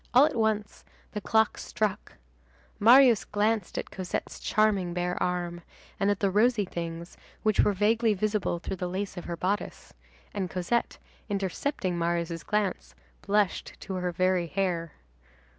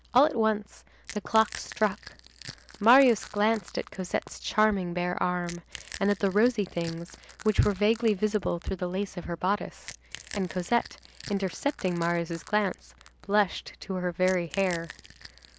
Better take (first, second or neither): first